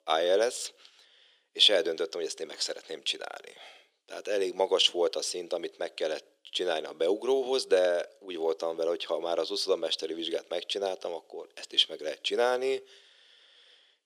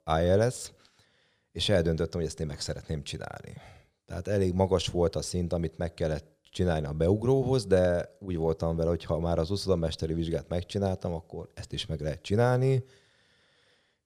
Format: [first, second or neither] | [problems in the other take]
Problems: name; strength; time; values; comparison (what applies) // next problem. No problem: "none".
second | thin; very; fading below 350 Hz